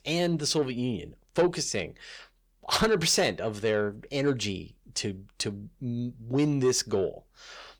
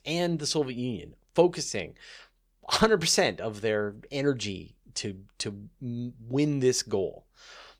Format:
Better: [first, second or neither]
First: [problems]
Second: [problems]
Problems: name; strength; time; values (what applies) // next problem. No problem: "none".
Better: second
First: distortion; slight; 10 dB below the speech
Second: none